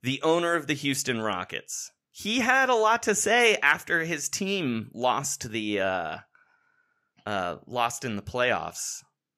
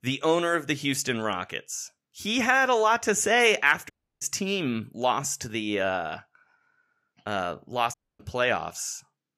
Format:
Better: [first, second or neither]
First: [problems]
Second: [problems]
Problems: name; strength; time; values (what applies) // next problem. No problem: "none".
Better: first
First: none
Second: audio cutting out; at 4 s and at 8 s